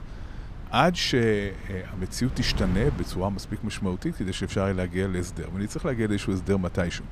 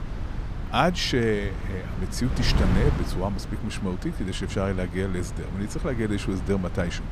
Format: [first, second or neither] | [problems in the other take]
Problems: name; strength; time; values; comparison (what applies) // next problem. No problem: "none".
first | wind noise on the microphone; heavy; 10 dB below the speech; occasional gusts in the first